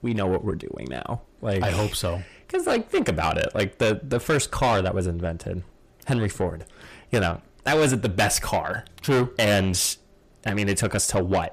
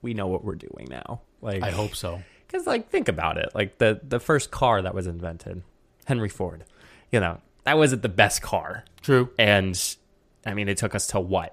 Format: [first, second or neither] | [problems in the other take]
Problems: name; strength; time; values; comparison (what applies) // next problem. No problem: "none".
second | distortion; heavy; 7 dB below the speech